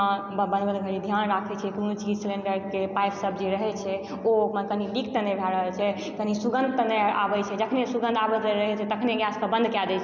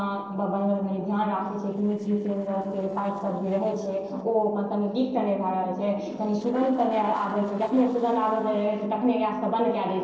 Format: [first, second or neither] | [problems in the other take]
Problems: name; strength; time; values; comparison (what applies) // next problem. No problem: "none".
first | noise reduction (neural separator model SepFormer DNS4)